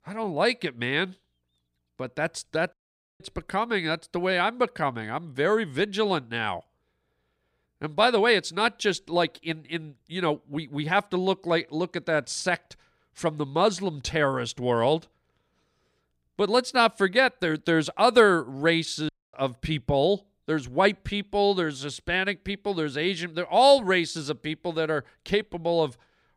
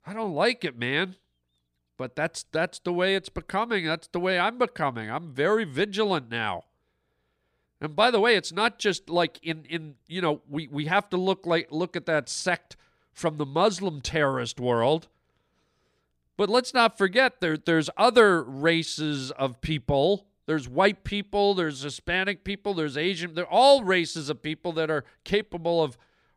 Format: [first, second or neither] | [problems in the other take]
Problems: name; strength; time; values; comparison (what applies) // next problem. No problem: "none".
second | audio cutting out; at 2.5 s and at 19 s